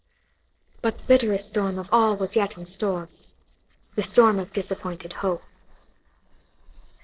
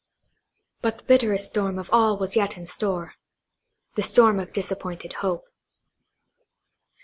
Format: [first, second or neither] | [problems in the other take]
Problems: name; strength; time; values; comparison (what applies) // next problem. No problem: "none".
second | noise reduction (neural separator model SepFormer DNS4)